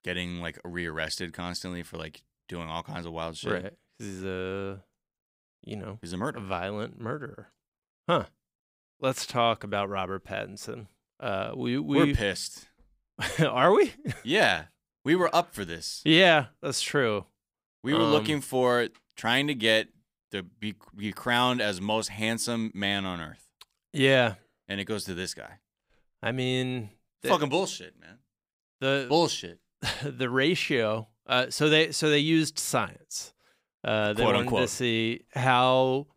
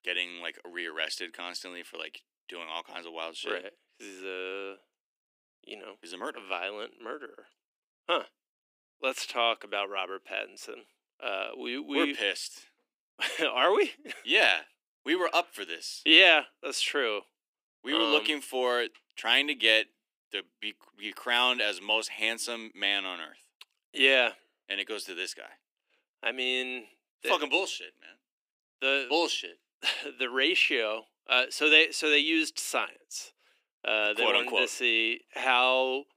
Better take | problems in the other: first | thin; somewhat; fading below 300 Hz

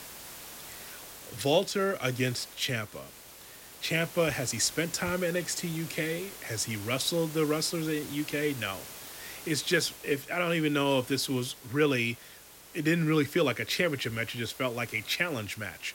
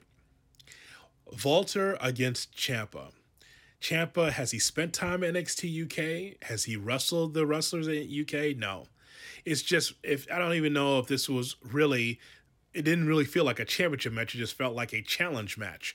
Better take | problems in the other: second | hiss; noticeable; throughout; 15 dB below the speech

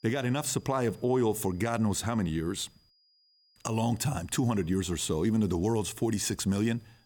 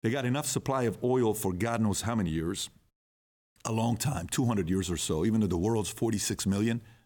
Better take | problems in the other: second | high-pitched whine; faint; throughout; 5 kHz, 35 dB below the speech

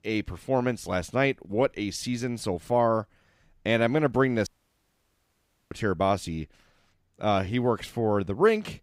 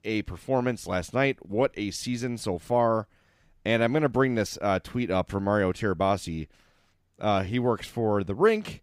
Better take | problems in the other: second | audio cutting out; at 4.5 s for 1 s

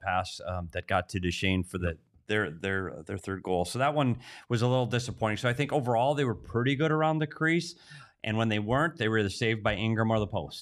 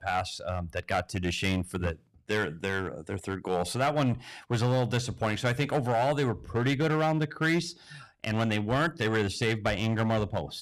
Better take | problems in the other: first | distortion; slight; 7% of the sound clipped

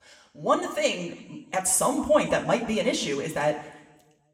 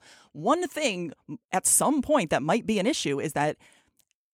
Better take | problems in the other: second | room echo; slight; dies away in 1 s

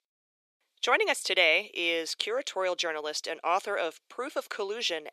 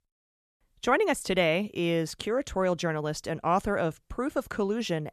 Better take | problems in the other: second | thin; very; fading below 400 Hz

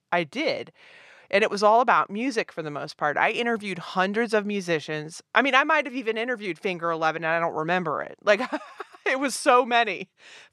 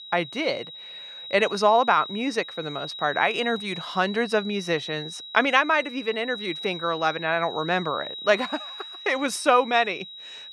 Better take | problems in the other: first | high-pitched whine; noticeable; throughout; 4 kHz, 10 dB below the speech

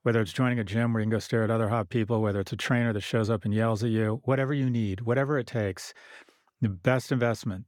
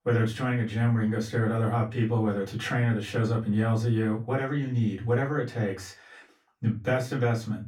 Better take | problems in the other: first | off-mic speech; far // room echo; very slight; dies away in 0.2 s

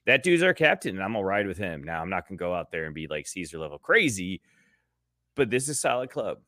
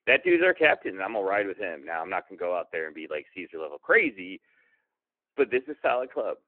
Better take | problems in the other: first | phone-call audio

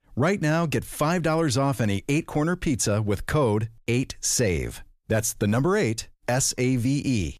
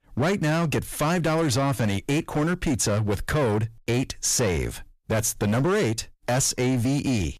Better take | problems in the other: first | distortion; slight; 19% of the sound clipped

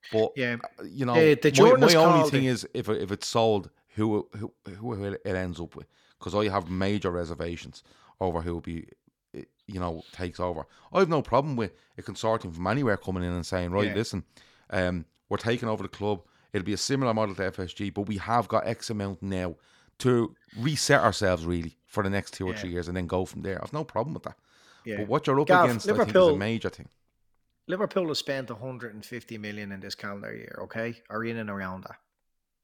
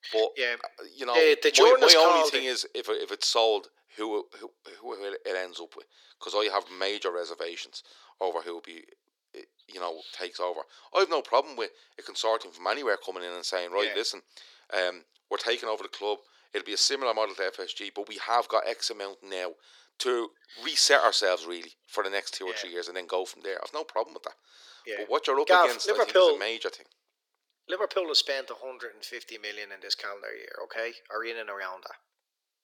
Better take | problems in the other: first | thin; very; fading below 350 Hz

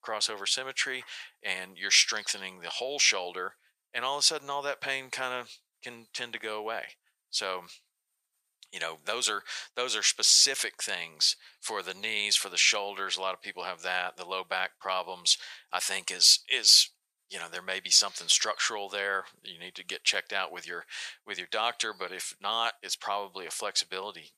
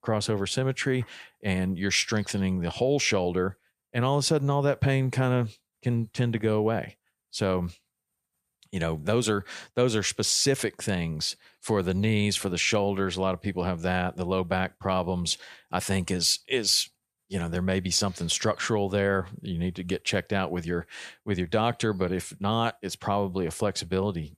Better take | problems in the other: second | thin; very; fading below 850 Hz

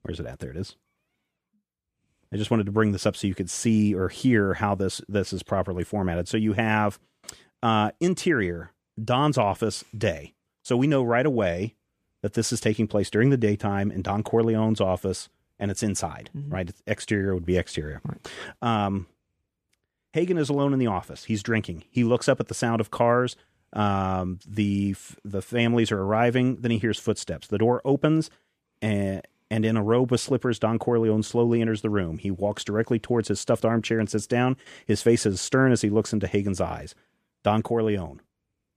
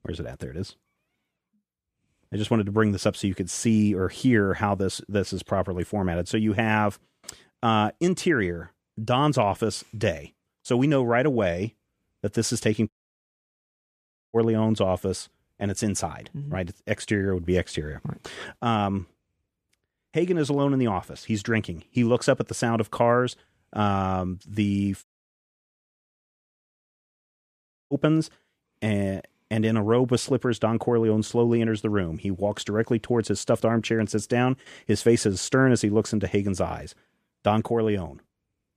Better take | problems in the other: first | audio cutting out; at 13 s for 1.5 s and at 25 s for 3 s

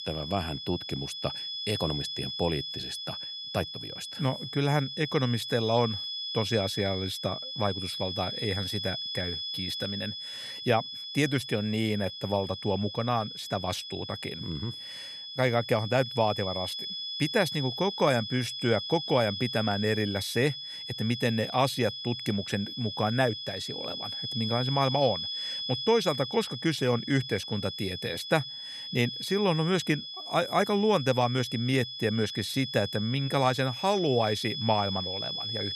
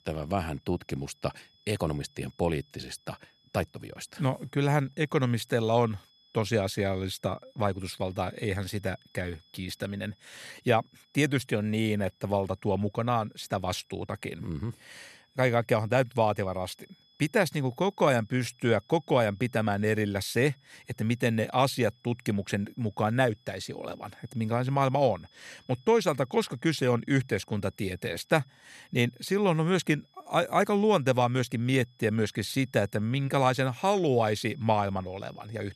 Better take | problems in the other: second | high-pitched whine; loud; throughout; 3.5 kHz, 5 dB below the speech; faint in the second

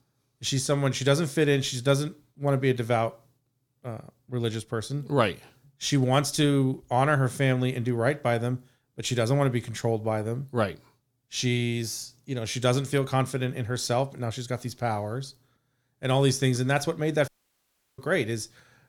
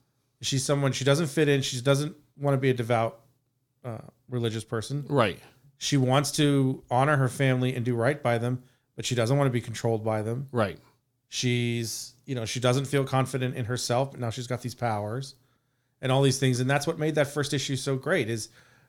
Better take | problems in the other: second | audio cutting out; at 17 s for 0.5 s

